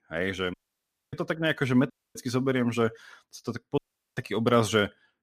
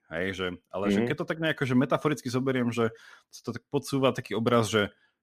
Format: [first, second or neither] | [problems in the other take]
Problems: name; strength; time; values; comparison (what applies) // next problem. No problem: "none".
second | audio cutting out; at 0.5 s for 0.5 s, at 2 s and at 4 s